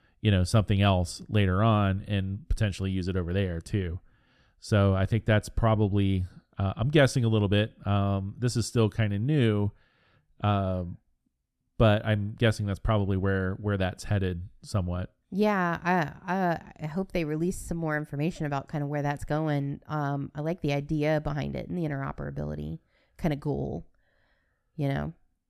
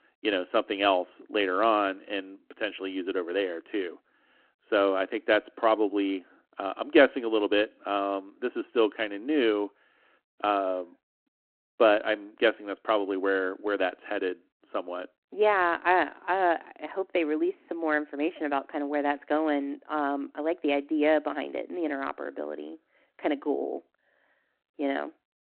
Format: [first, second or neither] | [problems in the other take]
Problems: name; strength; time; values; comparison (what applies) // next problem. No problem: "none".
first | phone-call audio